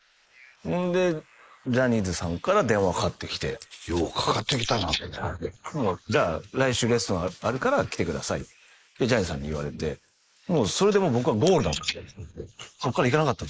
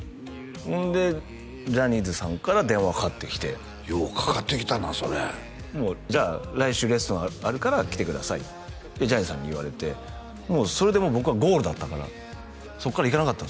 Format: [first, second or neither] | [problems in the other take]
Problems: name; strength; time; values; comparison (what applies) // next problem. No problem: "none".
second | noise reduction (neural mask model Resemble Enhance denoiser)